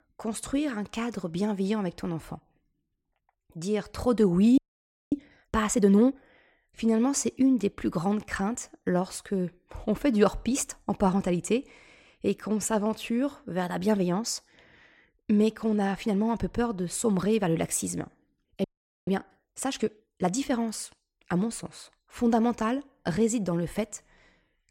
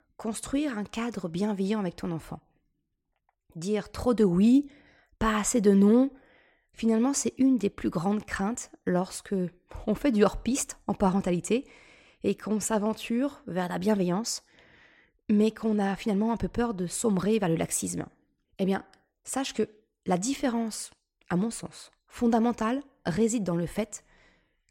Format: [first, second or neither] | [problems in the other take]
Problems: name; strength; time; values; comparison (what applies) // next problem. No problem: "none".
second | audio freezing; at 4.5 s for 0.5 s and at 19 s